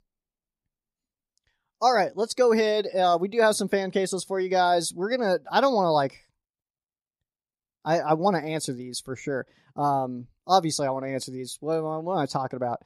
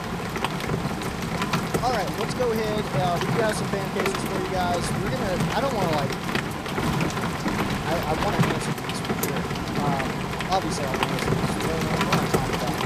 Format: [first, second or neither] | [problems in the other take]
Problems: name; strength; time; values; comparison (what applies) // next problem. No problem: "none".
first | rain or running water; very loud; throughout; 3 dB above the speech